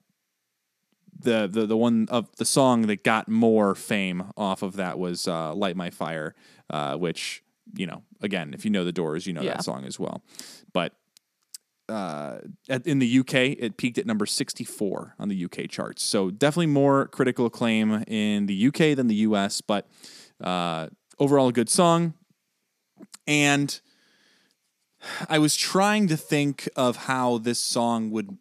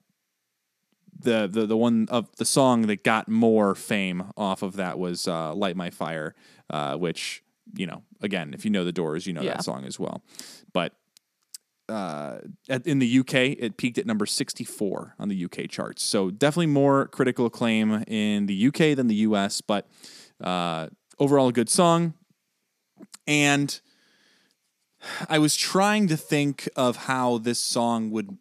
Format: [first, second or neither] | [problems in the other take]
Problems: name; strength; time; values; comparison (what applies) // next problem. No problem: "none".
neither | none